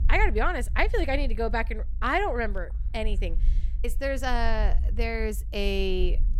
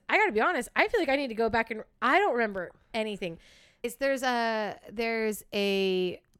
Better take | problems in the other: second | low rumble; faint; throughout; 25 dB below the speech

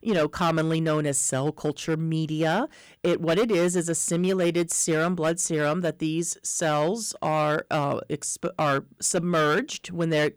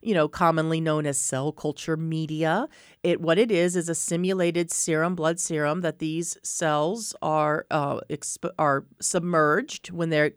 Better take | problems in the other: second | distortion; slight; 8% of the sound clipped

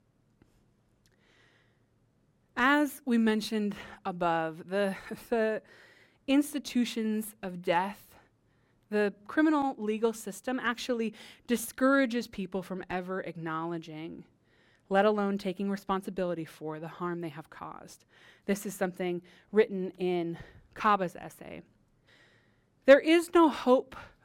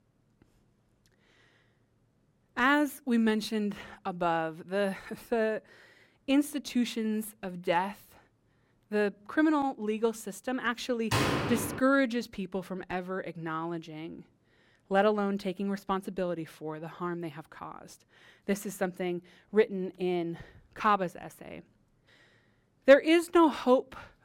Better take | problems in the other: first | door banging; loud; at 11 s; peak 2 dB above the speech

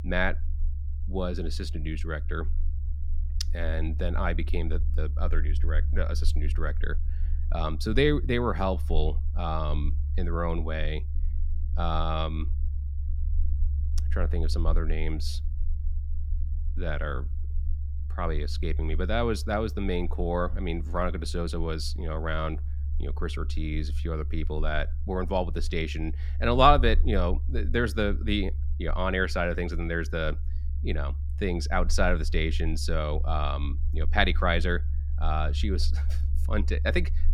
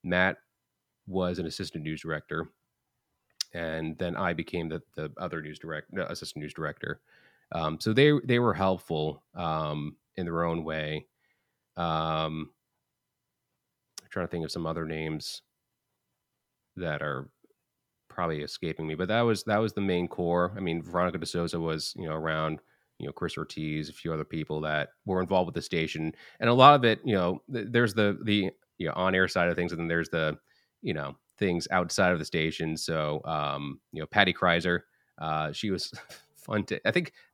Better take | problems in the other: second | low rumble; faint; throughout; 20 dB below the speech

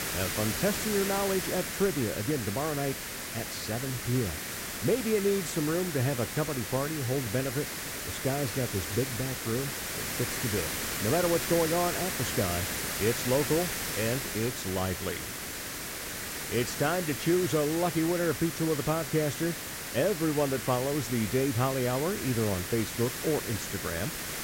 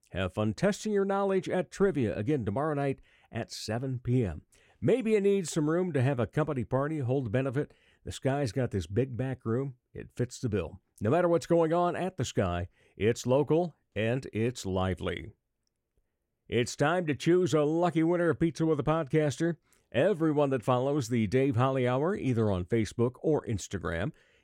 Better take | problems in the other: second | hiss; loud; throughout; 3 dB below the speech

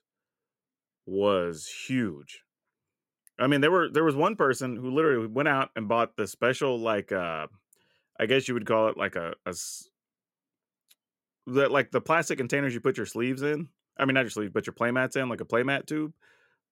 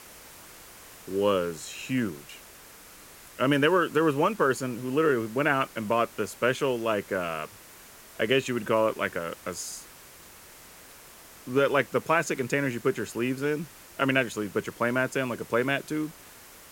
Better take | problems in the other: first | hiss; noticeable; throughout; 20 dB below the speech

